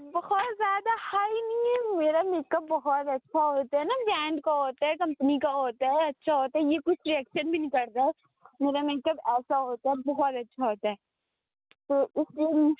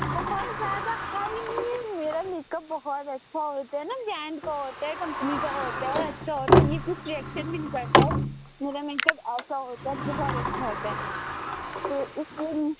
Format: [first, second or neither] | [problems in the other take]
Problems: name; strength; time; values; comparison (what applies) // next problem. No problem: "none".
first | background sound (Sliding door); 3 dB above the speech